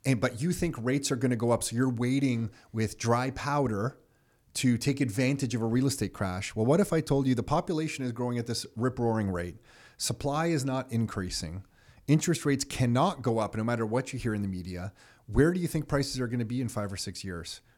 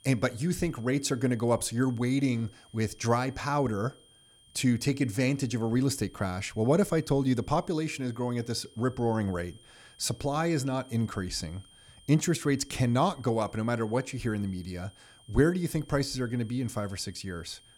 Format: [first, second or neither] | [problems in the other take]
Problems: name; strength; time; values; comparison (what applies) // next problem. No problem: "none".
first | high-pitched whine; faint; throughout; 3 kHz, 25 dB below the speech